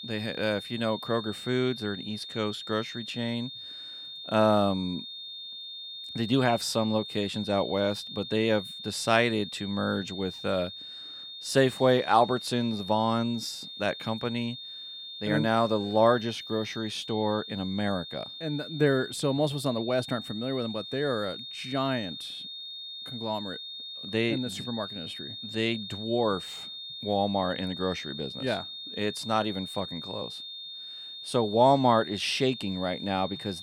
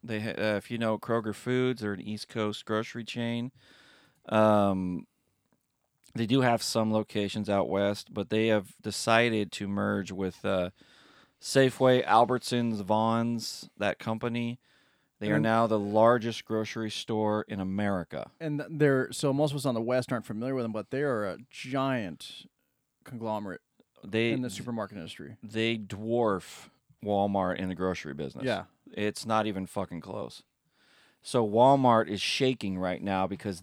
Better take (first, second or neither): second